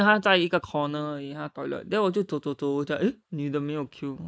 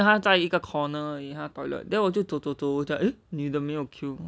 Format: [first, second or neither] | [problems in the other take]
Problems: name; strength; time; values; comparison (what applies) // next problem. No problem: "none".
second | noise reduction (neural mask model Resemble Enhance denoiser)